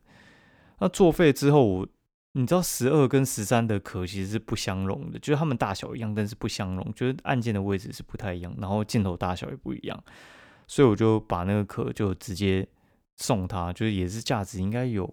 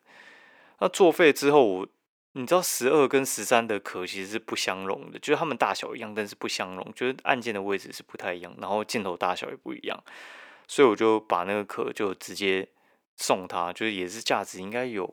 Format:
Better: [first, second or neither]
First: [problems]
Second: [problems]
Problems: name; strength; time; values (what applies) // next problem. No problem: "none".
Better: first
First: none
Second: thin; somewhat; fading below 400 Hz